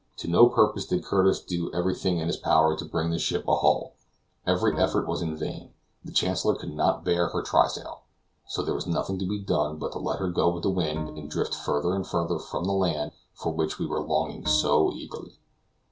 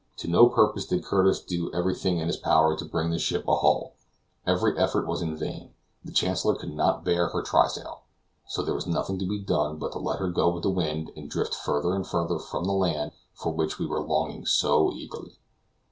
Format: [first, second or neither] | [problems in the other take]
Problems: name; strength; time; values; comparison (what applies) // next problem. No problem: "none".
second | background sound (Bowed string instrument); 15 dB below the speech